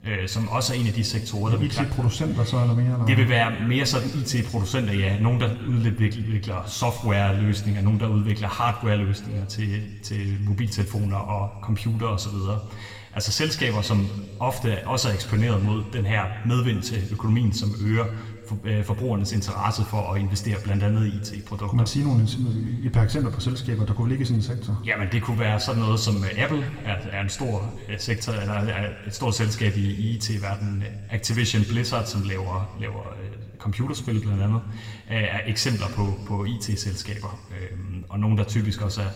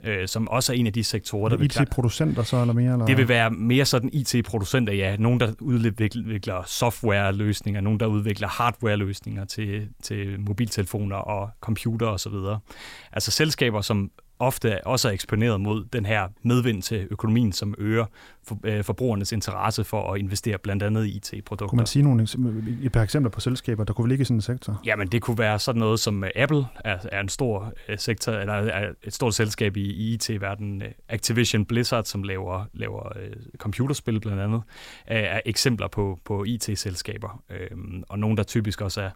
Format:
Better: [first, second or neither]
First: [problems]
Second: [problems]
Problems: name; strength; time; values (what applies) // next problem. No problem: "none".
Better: second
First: room echo; slight; dies away in 1.7 s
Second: none